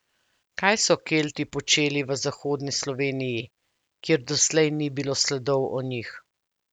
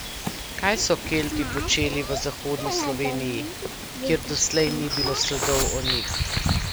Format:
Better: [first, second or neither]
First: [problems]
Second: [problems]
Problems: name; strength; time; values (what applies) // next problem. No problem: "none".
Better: first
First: none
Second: background sound (Bird vocalization, bird call, bird song); 1 dB below the speech